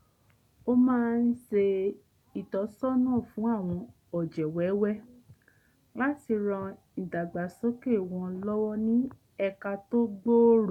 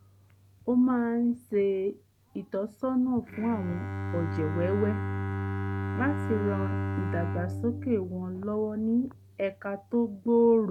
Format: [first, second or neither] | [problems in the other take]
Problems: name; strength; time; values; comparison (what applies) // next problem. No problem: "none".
first | background sound (Bowed string instrument); 6 dB below the speech